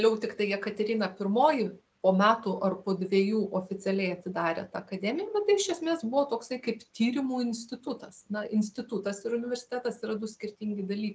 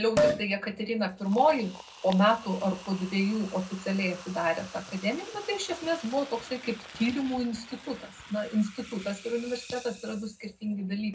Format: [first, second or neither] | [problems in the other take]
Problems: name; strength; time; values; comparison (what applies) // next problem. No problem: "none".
first | background sound (Liquid); 8 dB below the speech // room echo; dies away in 0.3 s